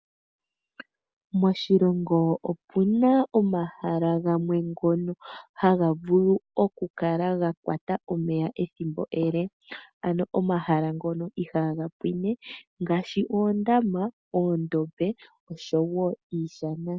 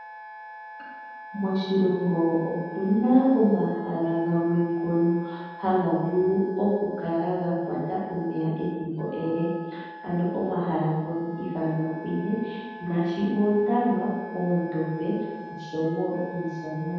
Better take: first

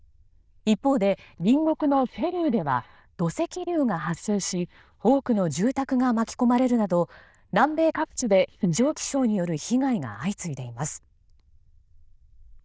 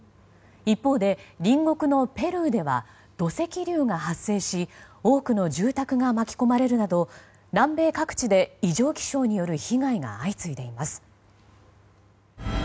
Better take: second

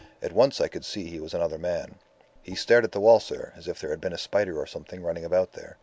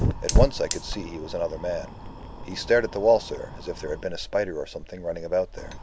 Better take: first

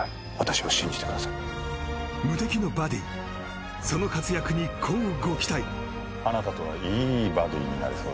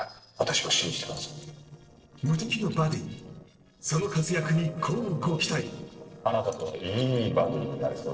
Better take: first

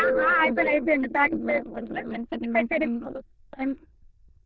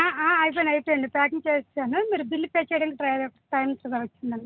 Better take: second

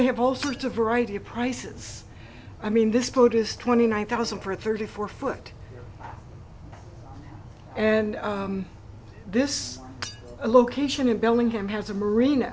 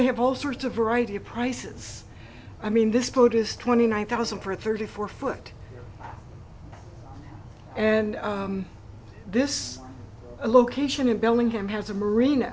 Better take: second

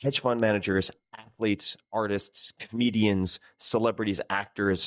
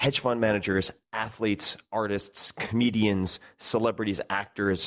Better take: second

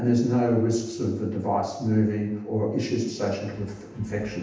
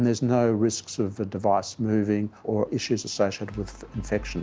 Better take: second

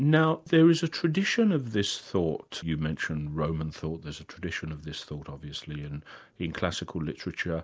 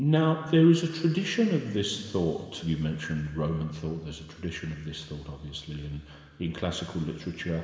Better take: first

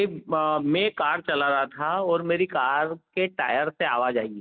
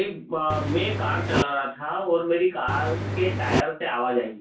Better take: first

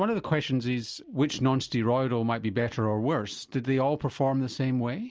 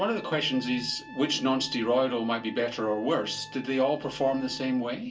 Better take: first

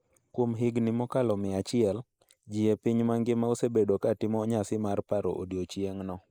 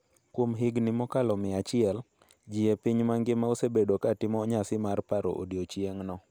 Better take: second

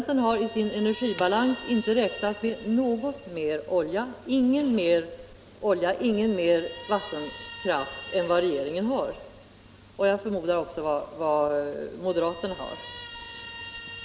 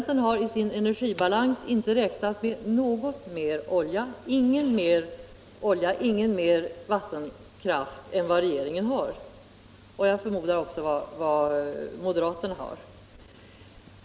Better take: second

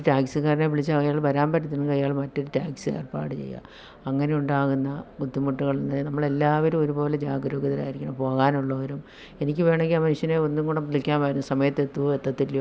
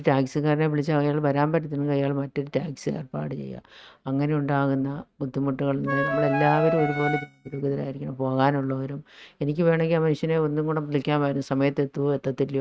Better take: first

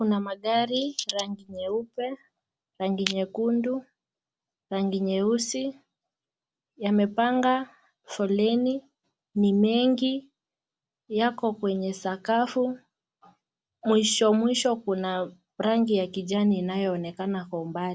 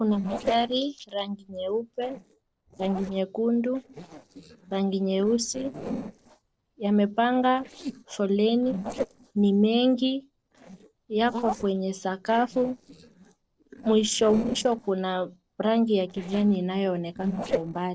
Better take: first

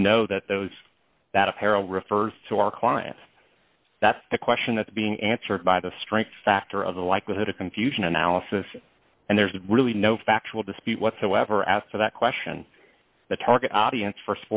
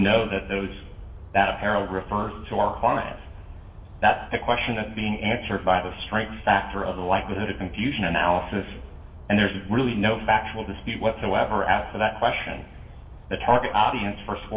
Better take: first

